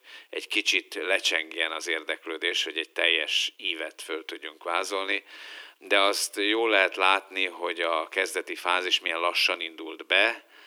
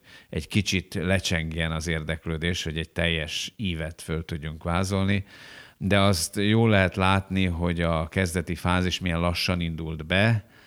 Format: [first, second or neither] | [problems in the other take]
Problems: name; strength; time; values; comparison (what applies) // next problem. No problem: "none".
second | thin; very; fading below 300 Hz